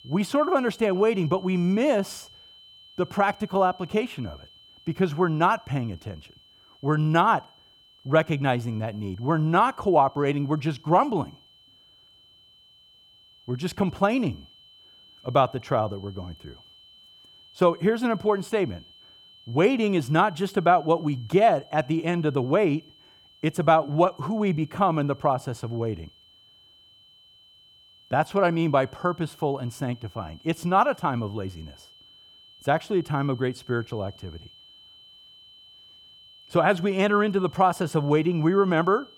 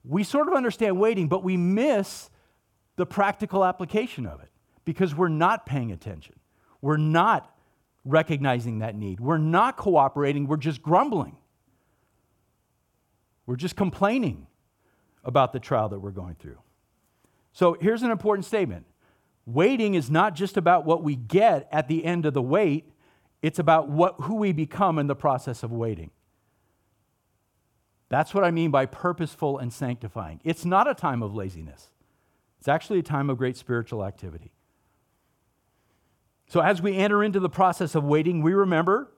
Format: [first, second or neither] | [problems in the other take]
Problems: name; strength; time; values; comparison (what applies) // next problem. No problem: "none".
second | high-pitched whine; faint; throughout; 3 kHz, 25 dB below the speech